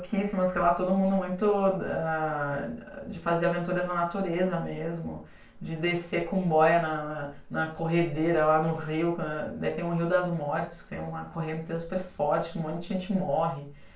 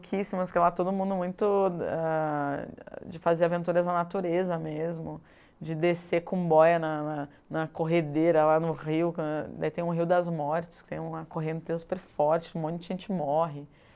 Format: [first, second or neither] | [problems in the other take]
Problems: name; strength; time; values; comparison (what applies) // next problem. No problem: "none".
second | room echo; dies away in 0.3 s